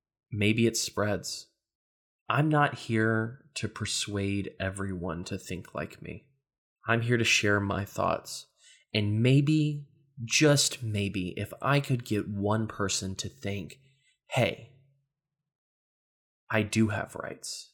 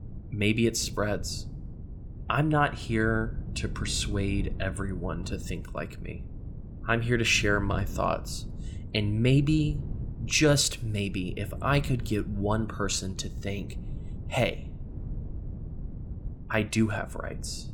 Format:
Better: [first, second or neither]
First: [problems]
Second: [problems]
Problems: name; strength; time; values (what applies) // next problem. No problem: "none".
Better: first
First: none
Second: wind noise on the microphone; occasional gusts; 20 dB below the speech